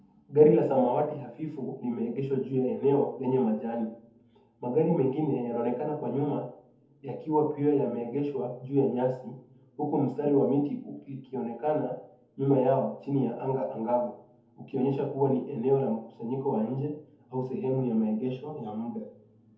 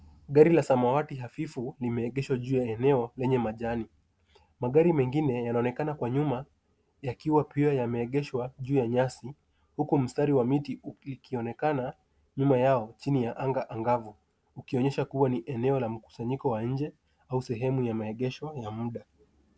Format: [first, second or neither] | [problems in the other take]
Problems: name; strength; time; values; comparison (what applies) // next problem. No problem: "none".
second | room echo; dies away in 0.6 s